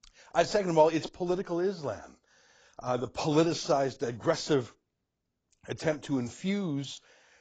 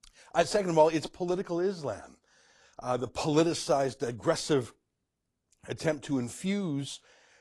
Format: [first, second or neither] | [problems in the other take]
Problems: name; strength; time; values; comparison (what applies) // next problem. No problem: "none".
second | garbled, watery; badly; nothing above 7.5 kHz; slightly in the second